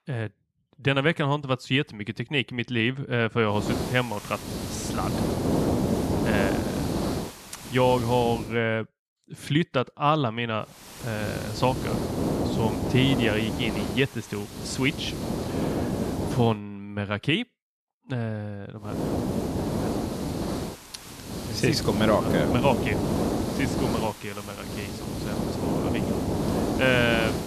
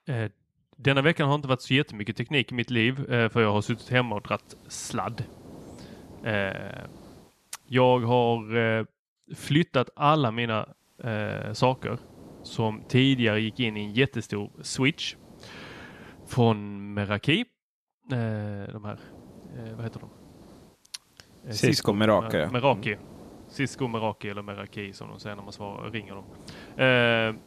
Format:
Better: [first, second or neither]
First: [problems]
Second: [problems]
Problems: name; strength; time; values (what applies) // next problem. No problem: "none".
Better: second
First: hiss; loud; from 3.5 to 8.5 s, from 11 to 16 s and from 19 s on; 2 dB below the speech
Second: hiss; faint; from 3.5 to 8.5 s, from 11 to 16 s and from 19 s on; 25 dB below the speech